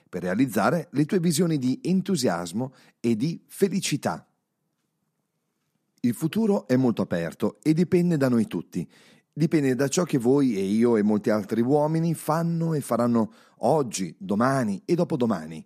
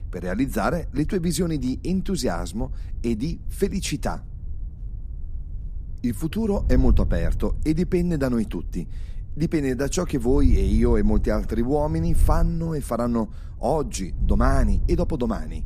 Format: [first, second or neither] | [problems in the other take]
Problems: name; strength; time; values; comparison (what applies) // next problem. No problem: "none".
first | wind noise on the microphone; occasional gusts; 20 dB below the speech